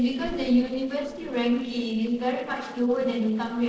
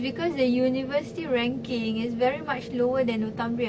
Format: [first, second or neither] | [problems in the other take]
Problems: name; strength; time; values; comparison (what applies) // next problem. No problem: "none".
second | noise reduction (neural separator model SepFormer DNS4)